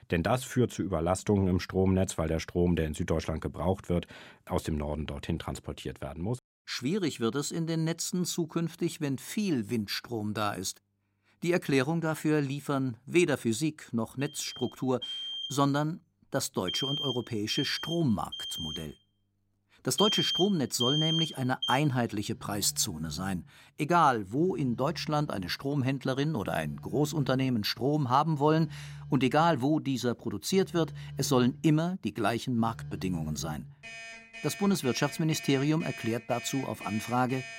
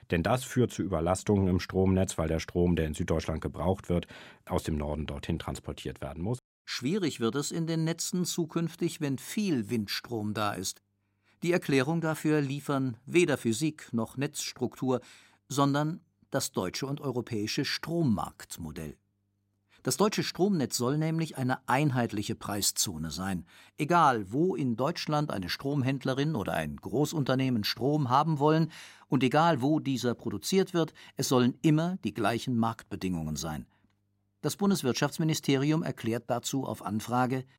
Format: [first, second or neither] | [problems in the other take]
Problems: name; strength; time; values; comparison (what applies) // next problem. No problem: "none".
second | alarms or sirens; loud; from 15 s on; 6 dB below the speech